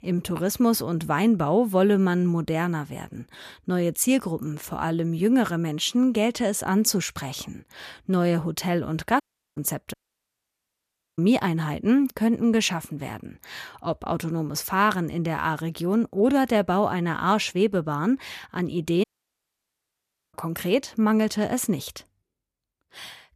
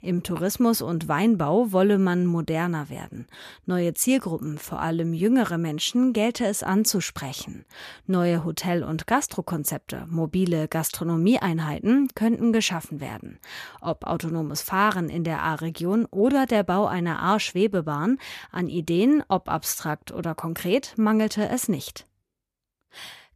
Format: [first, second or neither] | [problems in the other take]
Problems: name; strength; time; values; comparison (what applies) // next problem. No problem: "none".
second | audio cutting out; at 9 s, at 10 s for 1 s and at 19 s for 1.5 s